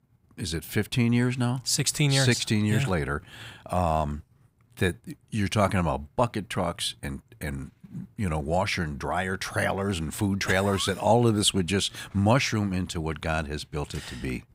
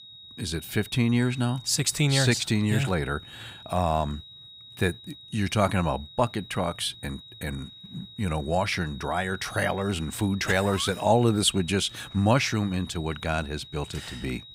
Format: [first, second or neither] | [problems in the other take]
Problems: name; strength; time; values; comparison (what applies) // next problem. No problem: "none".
first | high-pitched whine; noticeable; throughout; 4 kHz, 20 dB below the speech